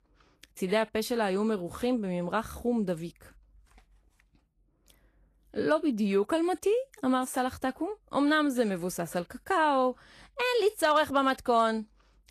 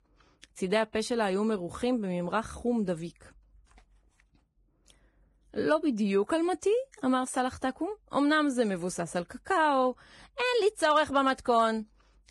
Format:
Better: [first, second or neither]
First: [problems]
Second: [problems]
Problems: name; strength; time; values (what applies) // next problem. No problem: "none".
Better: first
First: garbled, watery; slightly; nothing above 13 kHz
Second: garbled, watery; badly; nothing above 10.5 kHz